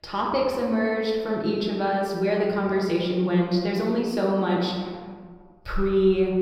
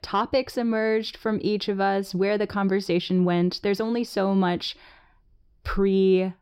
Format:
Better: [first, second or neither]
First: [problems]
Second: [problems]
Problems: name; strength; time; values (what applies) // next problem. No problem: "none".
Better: second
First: room echo; noticeable; dies away in 1.5 s // off-mic speech; somewhat distant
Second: none